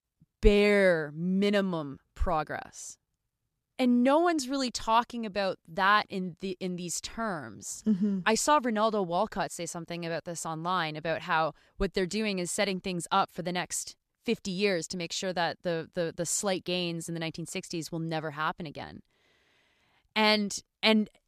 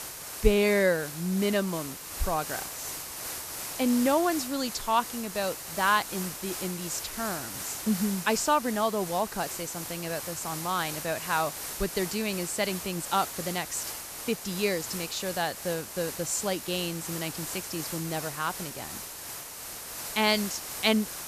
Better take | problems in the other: first | hiss; loud; throughout; 6 dB below the speech

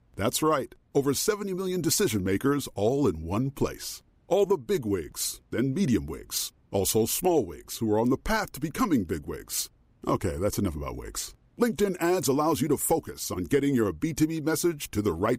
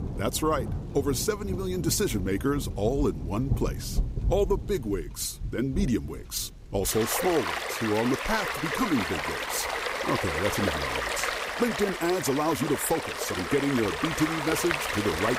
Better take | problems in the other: first | rain or running water; loud; throughout; 3 dB below the speech

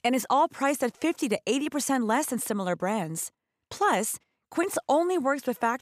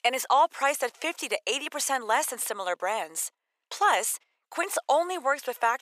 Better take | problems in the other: first | thin; very; fading below 550 Hz

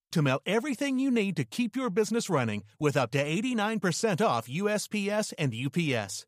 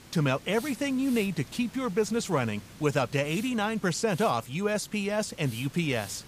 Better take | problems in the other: first | hiss; noticeable; throughout; 20 dB below the speech

